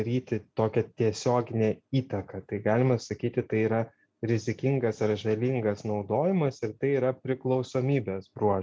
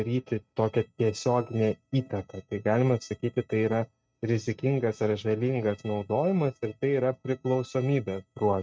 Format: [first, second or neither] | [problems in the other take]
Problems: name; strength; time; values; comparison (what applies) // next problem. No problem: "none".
first | noise reduction (neural mask model RNNoise)